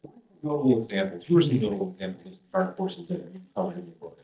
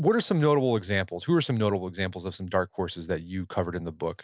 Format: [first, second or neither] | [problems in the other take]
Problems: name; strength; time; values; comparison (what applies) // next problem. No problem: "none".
second | noise reduction (neural mask model DeepFilterNet 3)